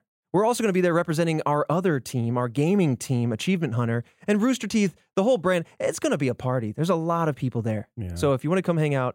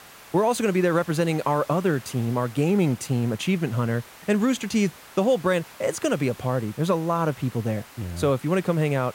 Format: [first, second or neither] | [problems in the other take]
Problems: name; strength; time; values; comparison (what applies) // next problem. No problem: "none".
first | hiss; faint; throughout; 20 dB below the speech